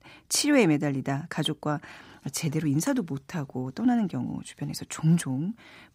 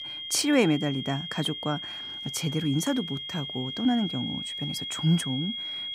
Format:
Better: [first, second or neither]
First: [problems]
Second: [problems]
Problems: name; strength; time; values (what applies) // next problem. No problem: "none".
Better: first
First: none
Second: high-pitched whine; loud; throughout; 3.5 kHz, 5 dB below the speech